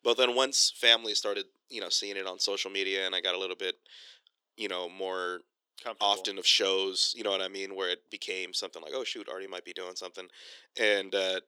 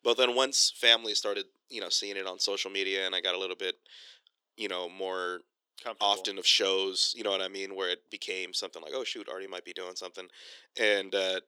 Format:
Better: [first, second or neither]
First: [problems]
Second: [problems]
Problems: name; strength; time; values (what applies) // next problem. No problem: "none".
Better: neither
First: thin; somewhat; fading below 350 Hz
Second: thin; somewhat; fading below 350 Hz